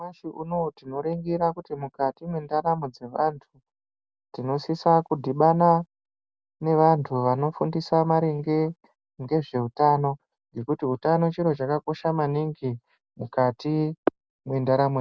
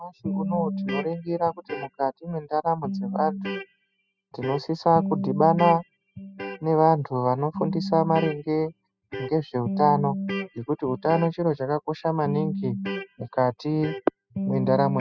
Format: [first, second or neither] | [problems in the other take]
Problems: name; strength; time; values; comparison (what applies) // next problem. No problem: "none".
first | noise reduction (classical method spectral subtraction)